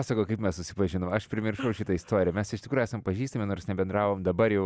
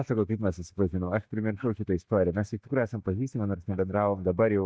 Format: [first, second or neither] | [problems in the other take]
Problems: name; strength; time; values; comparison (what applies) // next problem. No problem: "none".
first | noise reduction (neural mask model DeepFilterNet 3)